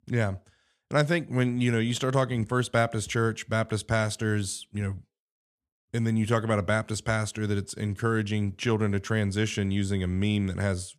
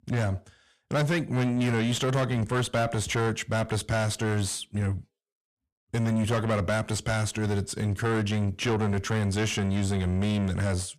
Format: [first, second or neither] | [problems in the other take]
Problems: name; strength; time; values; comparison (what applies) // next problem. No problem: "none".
first | distortion; heavy; 6 dB below the speech